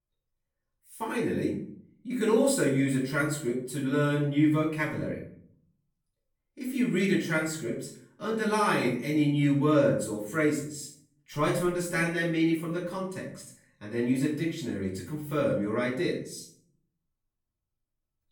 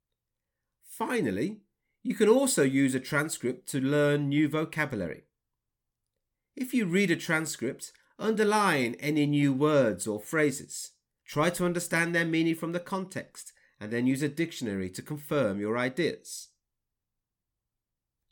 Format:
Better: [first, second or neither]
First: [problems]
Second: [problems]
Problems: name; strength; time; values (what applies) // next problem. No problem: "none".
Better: second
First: off-mic speech; far // room echo; noticeable; dies away in 0.5 s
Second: none